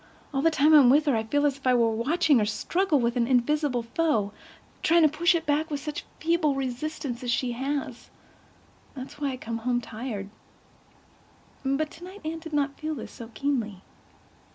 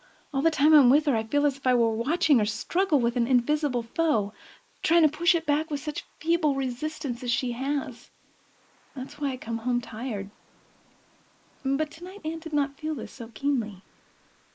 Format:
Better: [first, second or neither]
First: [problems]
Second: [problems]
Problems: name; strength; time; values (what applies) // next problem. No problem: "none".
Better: first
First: none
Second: noise reduction (neural mask model Resemble Enhance denoiser)